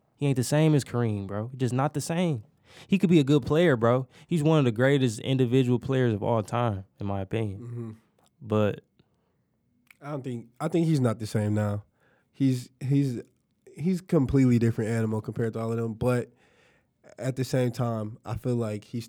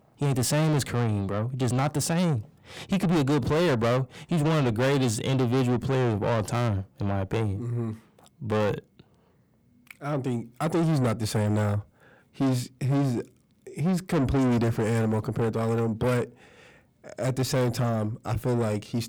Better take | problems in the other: first | distortion; heavy; 6 dB below the speech

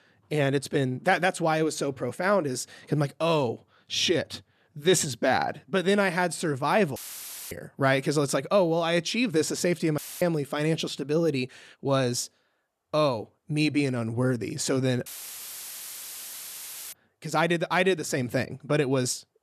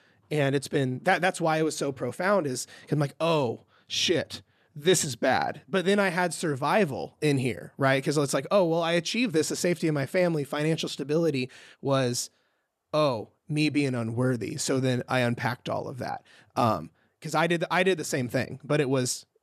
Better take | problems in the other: second | audio cutting out; filled with static; at 7 s for 0.5 s, at 10 s and at 15 s for 2 s

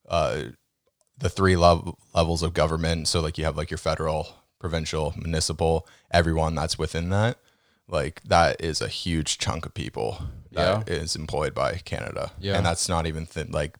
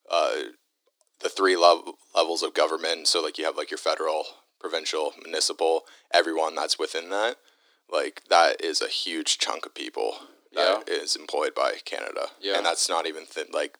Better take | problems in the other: first | thin; very; fading below 300 Hz

